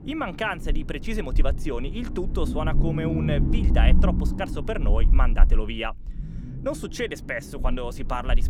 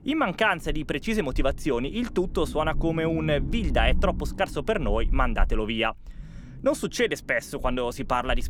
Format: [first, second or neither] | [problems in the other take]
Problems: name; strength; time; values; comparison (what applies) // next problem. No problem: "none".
second | low rumble; loud; throughout; 8 dB below the speech; faint in the second